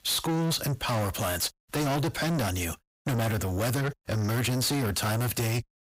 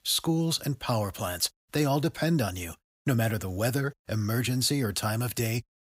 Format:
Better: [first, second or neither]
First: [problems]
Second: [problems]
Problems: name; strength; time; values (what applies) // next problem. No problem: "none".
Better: second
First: distortion; heavy; 6 dB below the speech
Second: none